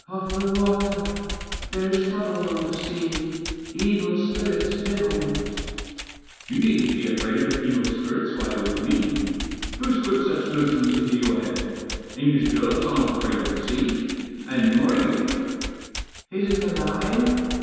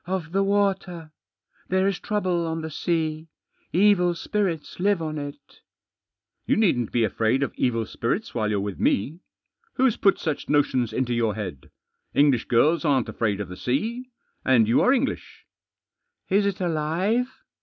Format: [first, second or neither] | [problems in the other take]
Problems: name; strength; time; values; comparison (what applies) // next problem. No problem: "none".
second | background sound (Computer keyboard); 10 dB below the speech // room echo; dies away in 2.1 s